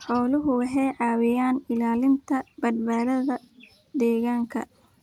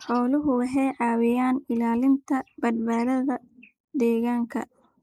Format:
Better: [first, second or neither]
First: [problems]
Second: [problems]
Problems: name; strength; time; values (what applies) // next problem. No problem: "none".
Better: first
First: none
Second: noise reduction (neural mask model Resemble Enhance denoiser)